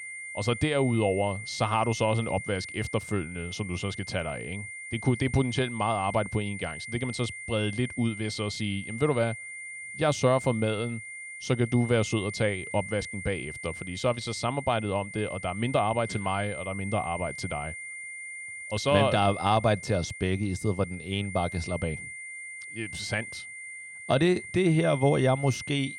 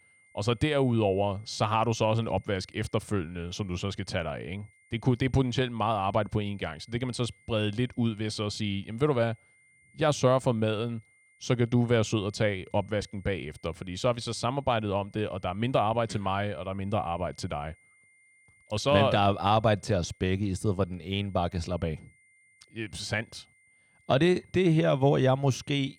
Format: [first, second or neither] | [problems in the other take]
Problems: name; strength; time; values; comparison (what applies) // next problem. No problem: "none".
second | high-pitched whine; loud; throughout; 2 kHz, 10 dB below the speech; faint in the second